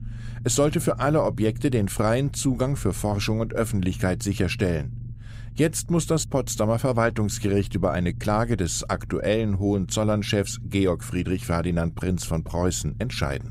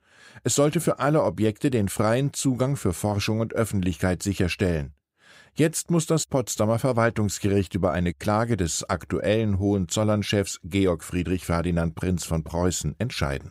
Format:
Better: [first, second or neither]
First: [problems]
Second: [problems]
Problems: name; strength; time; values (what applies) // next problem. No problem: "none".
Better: second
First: low rumble; faint; throughout; 25 dB below the speech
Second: none